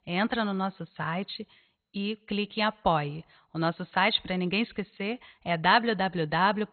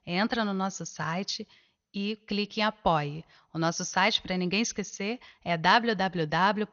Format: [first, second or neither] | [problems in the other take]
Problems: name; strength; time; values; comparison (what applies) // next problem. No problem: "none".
second | garbled, watery; badly; nothing above 4 kHz; slightly in the second